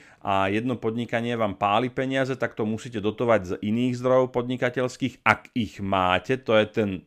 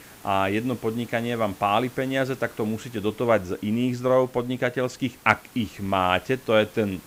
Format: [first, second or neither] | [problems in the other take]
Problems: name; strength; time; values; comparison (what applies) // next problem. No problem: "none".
first | hiss; faint; throughout; 20 dB below the speech